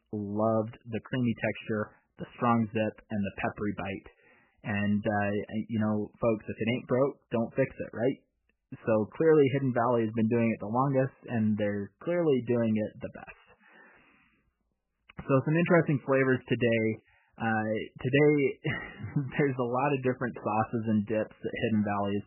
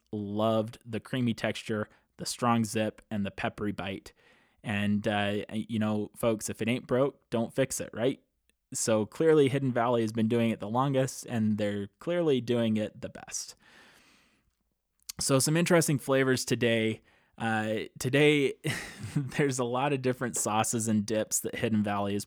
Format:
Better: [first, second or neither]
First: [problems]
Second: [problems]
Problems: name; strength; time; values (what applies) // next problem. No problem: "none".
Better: second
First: garbled, watery; badly; nothing above 3 kHz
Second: none